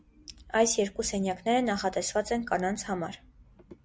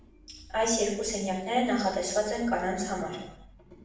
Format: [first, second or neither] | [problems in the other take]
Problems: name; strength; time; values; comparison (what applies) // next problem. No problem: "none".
first | room echo; dies away in 0.7 s